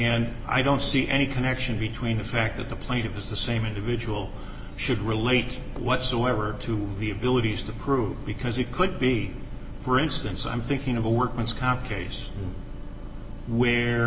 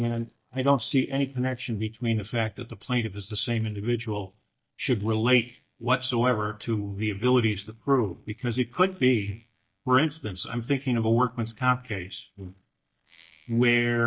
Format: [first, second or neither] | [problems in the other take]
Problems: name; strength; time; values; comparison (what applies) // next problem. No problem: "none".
first | noise reduction (neural mask model DeepFilterNet 3)